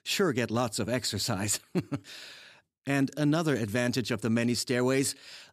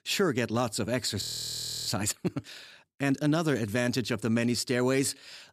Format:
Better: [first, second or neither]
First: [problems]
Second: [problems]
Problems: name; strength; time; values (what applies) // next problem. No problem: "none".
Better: first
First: none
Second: audio freezing; at 1 s for 0.5 s